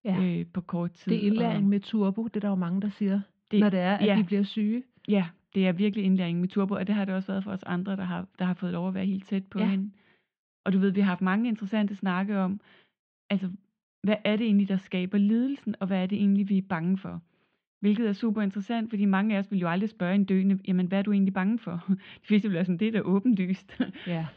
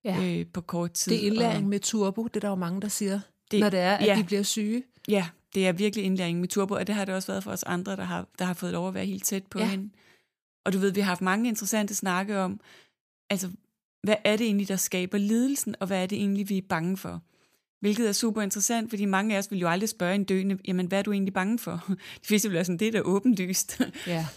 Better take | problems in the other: second | muffled; very; fading above 3.5 kHz

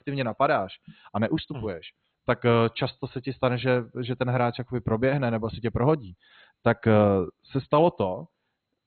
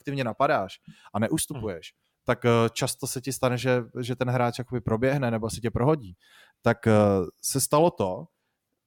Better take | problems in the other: second | garbled, watery; badly; nothing above 4 kHz

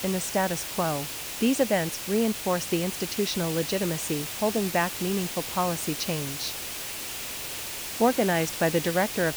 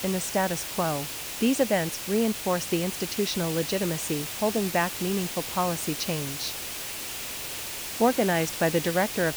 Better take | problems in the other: neither | hiss; loud; throughout; 5 dB below the speech; the same in both

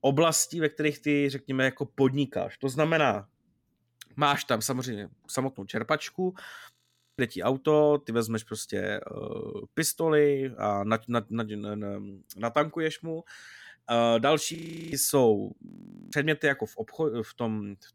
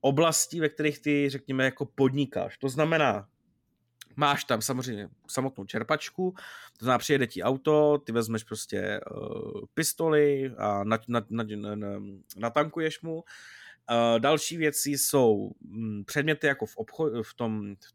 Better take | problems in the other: second | audio freezing; at 6.5 s, at 15 s and at 16 s

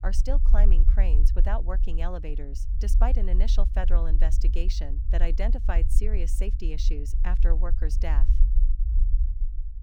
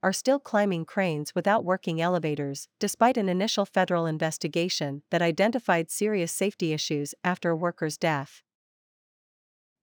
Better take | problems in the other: second | low rumble; noticeable; throughout; 10 dB below the speech

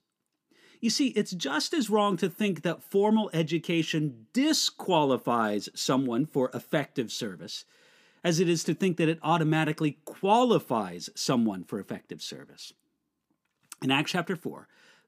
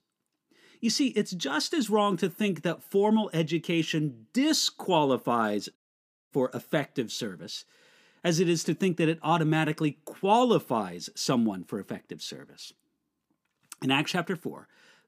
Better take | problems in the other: first | audio cutting out; at 6 s for 0.5 s

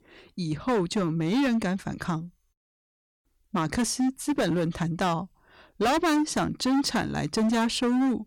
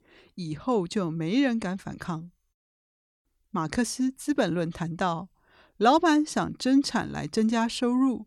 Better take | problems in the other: second | distortion; heavy; 15% of the sound clipped

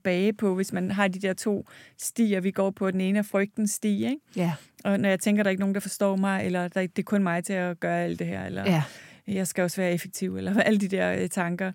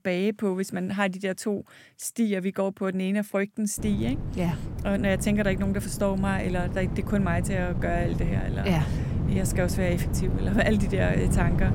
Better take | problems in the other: first | wind noise on the microphone; heavy; from 4 s on; 9 dB below the speech

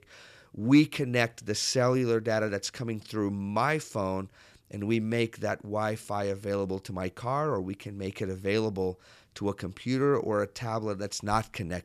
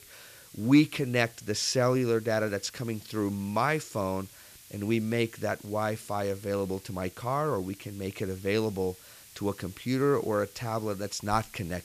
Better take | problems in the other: first | hiss; faint; throughout; 20 dB below the speech

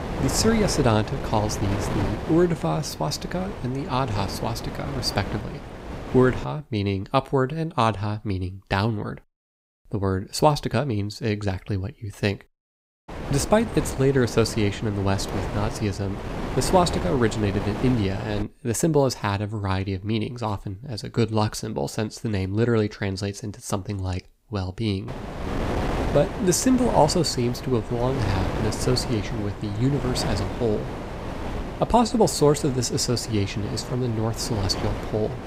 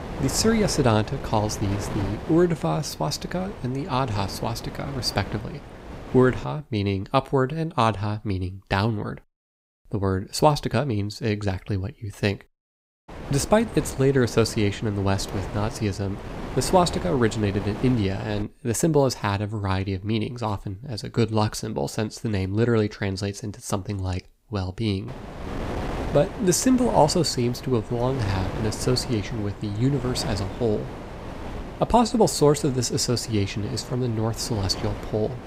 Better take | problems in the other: second | wind noise on the microphone; heavy; until 6.5 s, from 13 to 18 s and from 25 s on; 8 dB below the speech; occasional gusts in the second

